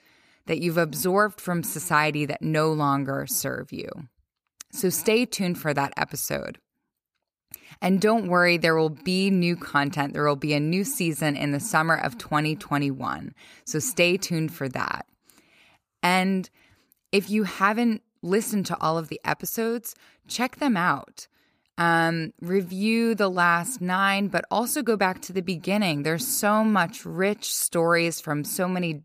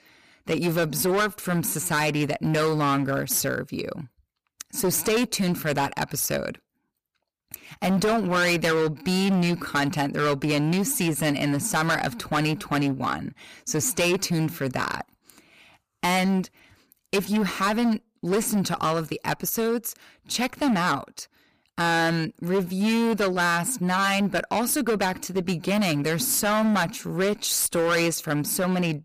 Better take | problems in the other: first | distortion; heavy; 14% of the sound clipped

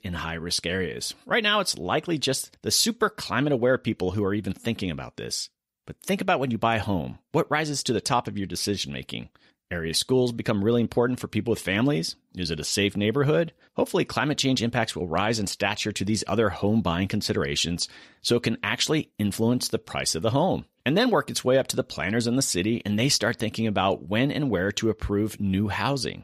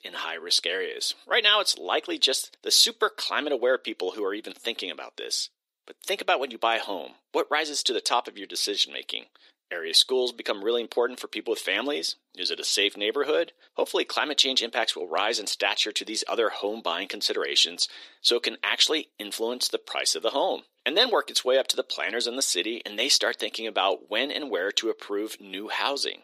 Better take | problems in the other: first | thin; very; fading below 350 Hz

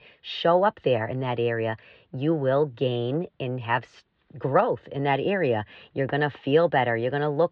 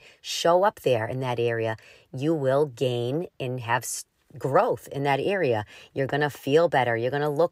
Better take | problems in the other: second | muffled; slightly; fading above 4 kHz

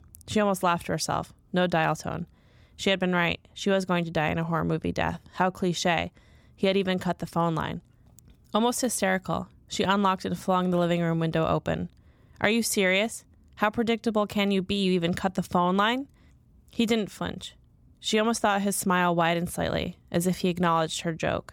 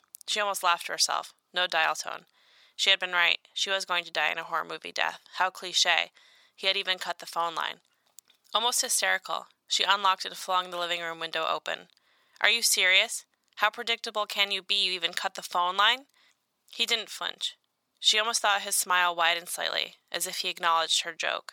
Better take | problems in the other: first | thin; very; fading below 1 kHz

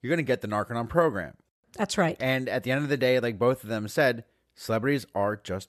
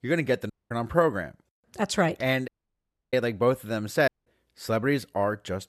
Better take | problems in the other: first | audio cutting out; at 0.5 s, at 2.5 s for 0.5 s and at 4 s

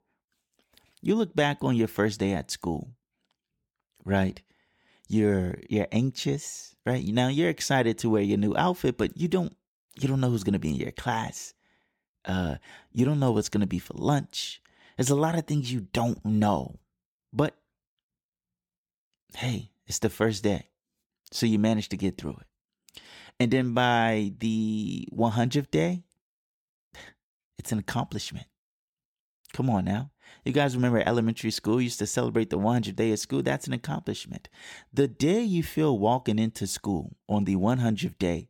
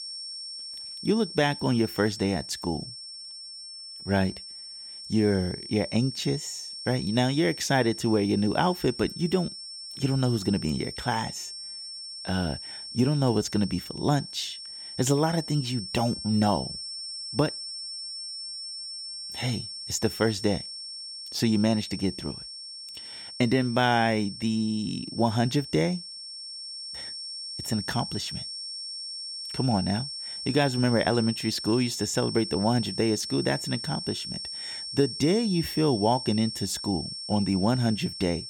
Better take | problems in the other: first | high-pitched whine; loud; throughout; 5.5 kHz, 8 dB below the speech

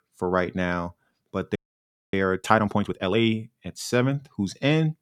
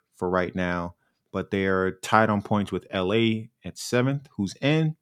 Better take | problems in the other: second | audio freezing; at 1.5 s for 0.5 s

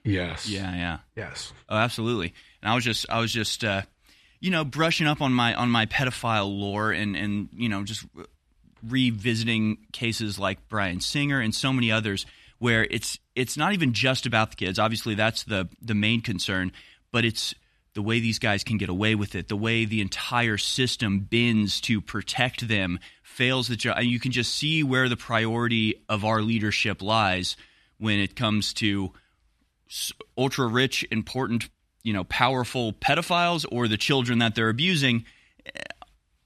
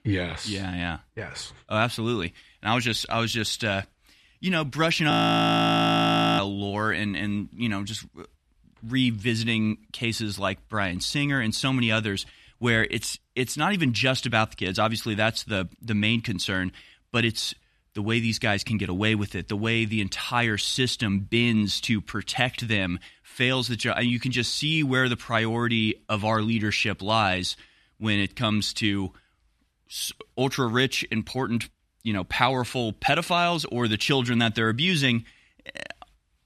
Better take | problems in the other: first | audio freezing; at 5 s for 1.5 s

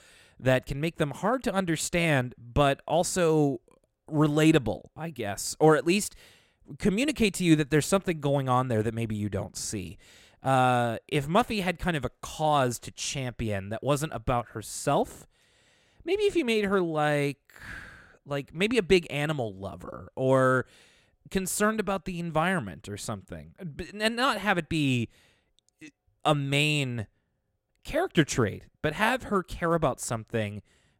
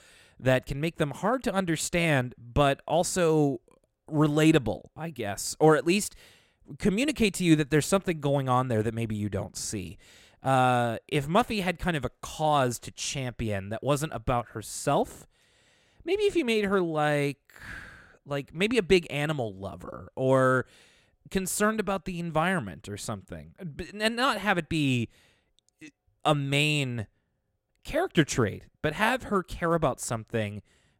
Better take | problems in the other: neither | none

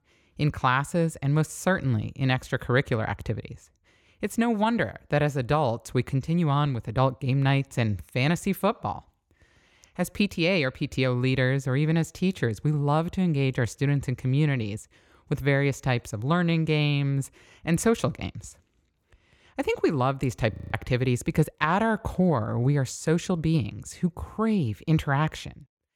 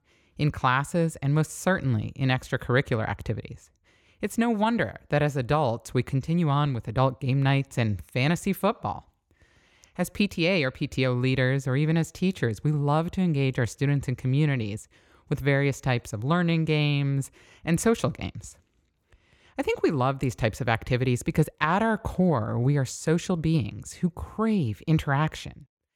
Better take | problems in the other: second | audio freezing; at 21 s

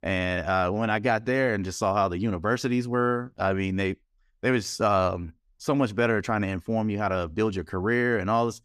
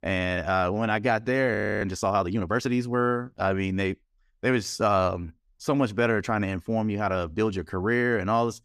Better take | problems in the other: first | audio freezing; at 1.5 s

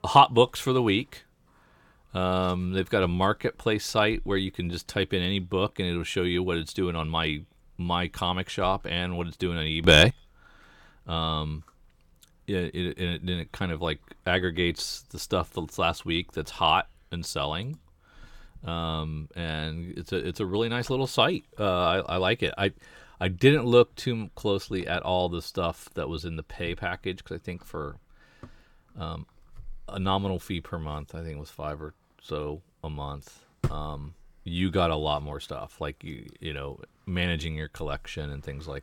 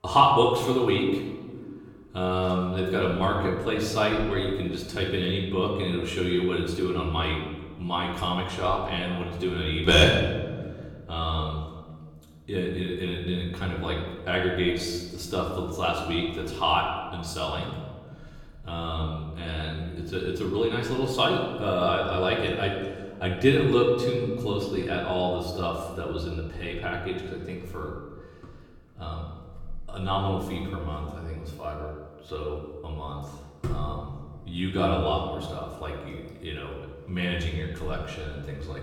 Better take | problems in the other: first | room echo; noticeable; dies away in 1.3 s // off-mic speech; far

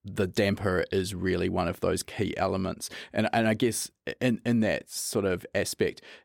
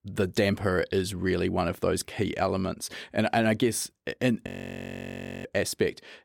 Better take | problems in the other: first | audio freezing; at 4.5 s for 1 s

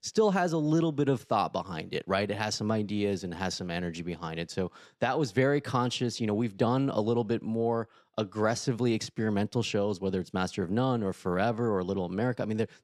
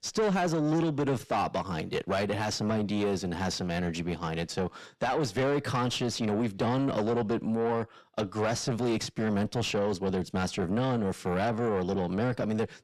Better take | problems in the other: first | distortion; heavy; 7 dB below the speech

